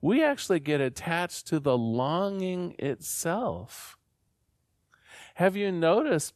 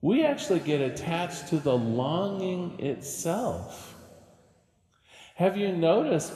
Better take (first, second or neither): first